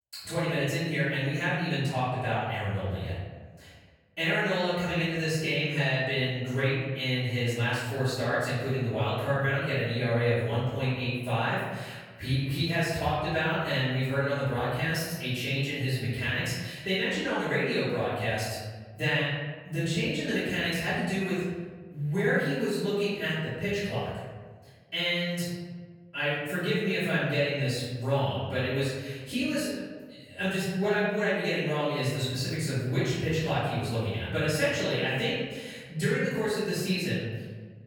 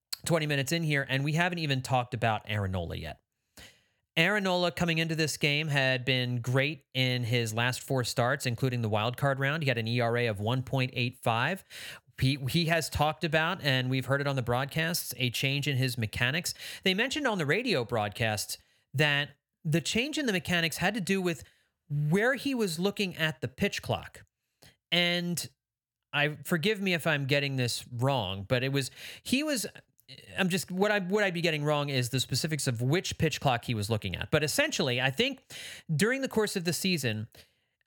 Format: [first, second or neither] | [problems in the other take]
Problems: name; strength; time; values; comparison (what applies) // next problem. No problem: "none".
second | off-mic speech; far // room echo; strong; dies away in 1.3 s